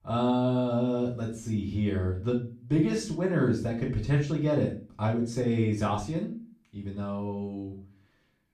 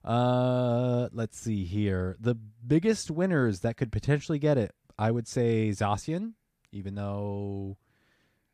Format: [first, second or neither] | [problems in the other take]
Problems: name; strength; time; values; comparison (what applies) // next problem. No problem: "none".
second | off-mic speech; far // room echo; slight; dies away in 0.3 s